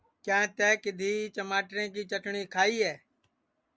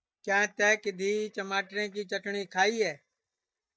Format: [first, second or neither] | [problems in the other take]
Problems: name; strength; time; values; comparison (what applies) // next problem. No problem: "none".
first | noise reduction (neural mask model DeepFilterNet 3)